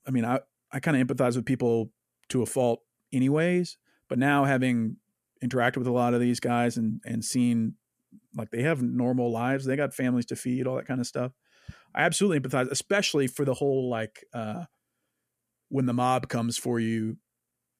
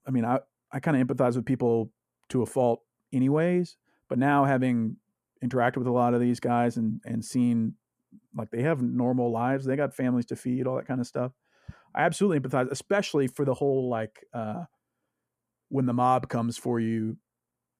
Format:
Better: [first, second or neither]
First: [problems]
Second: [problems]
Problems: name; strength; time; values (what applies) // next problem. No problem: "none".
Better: first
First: none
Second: muffled; slightly; fading above 1.5 kHz